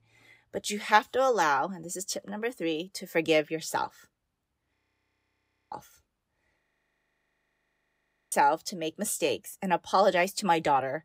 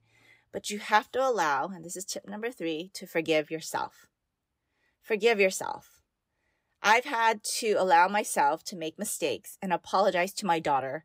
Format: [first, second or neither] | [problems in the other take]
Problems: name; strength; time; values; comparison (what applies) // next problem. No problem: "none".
second | audio freezing; at 5 s for 1 s and at 6.5 s for 1.5 s